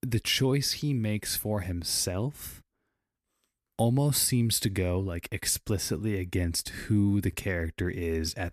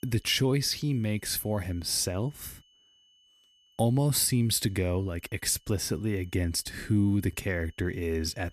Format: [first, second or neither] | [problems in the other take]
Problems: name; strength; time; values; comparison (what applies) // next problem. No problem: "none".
first | high-pitched whine; faint; throughout; 3 kHz, 35 dB below the speech